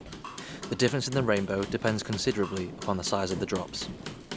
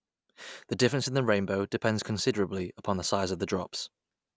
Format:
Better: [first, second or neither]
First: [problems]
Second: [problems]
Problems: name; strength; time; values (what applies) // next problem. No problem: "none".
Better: second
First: background sound (Hammer / Wood); 10 dB below the speech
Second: none